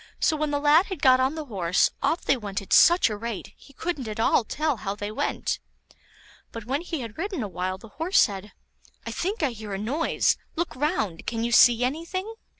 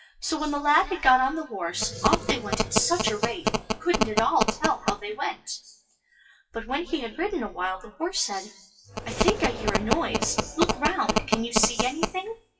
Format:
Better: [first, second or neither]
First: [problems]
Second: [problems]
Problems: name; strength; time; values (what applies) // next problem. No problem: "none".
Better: first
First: none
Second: noise reduction (classical method WPE with log-MMSE)